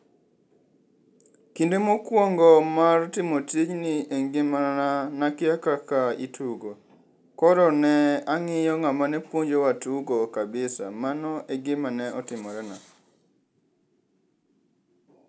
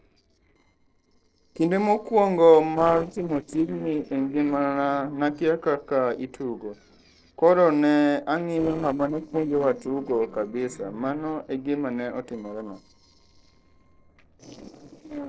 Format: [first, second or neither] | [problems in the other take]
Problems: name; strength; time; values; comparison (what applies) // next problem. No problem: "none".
first | noise reduction (neural separator model SepFormer DNS4)